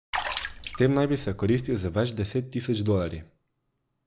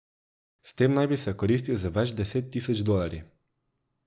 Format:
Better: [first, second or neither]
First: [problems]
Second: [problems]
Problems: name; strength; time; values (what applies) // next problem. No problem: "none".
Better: second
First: background sound (Water / Splash, splatter); 8 dB below the speech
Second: none